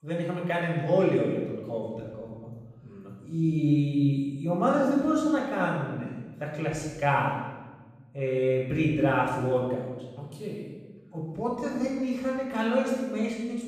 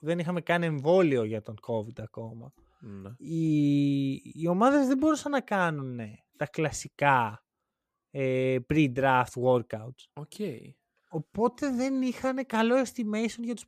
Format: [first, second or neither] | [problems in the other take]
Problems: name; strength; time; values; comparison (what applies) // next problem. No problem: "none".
second | off-mic speech; far // room echo; noticeable; dies away in 1.2 s